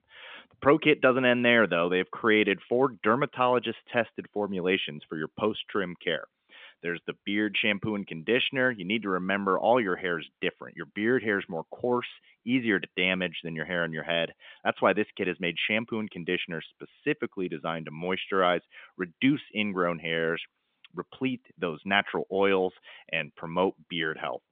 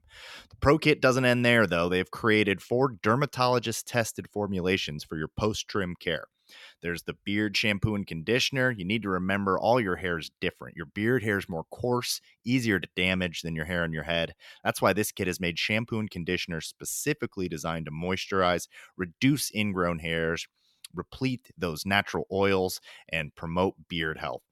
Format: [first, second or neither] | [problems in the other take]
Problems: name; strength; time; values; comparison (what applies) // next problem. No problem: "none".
second | phone-call audio; nothing above 3.5 kHz